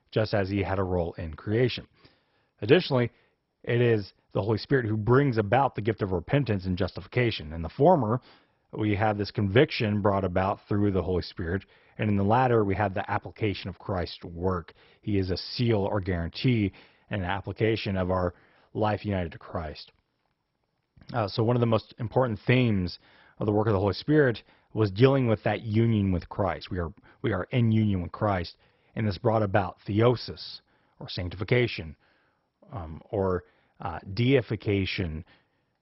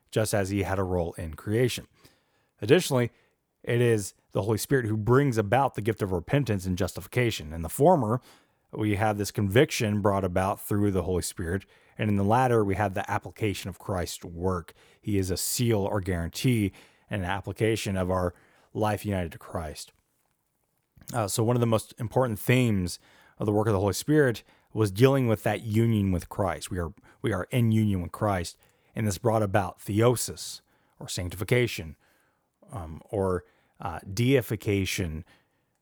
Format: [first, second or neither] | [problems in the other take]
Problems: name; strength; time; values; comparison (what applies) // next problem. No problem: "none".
second | garbled, watery; badly; nothing above 5.5 kHz